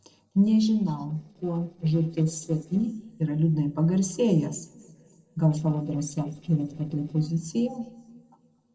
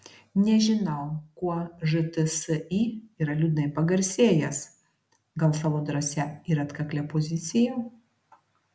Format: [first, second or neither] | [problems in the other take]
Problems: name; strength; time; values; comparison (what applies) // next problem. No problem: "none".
second | noise reduction (neural separator model SepFormer DNS4)